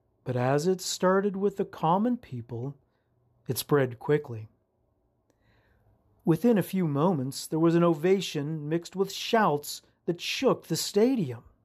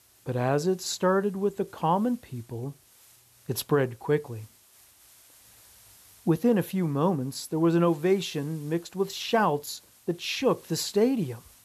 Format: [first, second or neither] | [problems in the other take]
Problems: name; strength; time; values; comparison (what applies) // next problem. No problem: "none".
first | hiss; faint; throughout; 25 dB below the speech